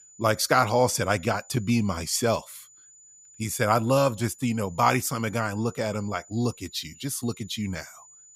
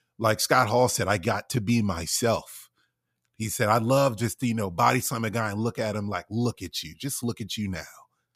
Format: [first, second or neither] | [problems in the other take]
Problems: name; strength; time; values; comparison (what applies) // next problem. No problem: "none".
second | high-pitched whine; faint; throughout; 7 kHz, 25 dB below the speech